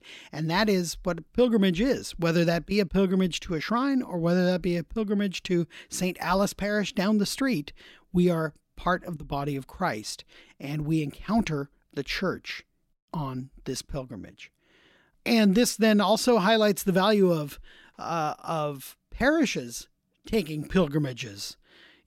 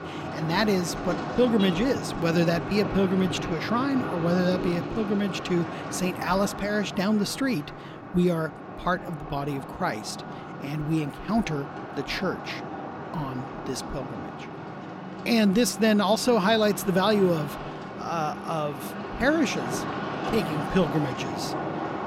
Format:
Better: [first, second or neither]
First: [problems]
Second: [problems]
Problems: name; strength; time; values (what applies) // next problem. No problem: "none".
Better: first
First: none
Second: traffic noise; loud; throughout; 8 dB below the speech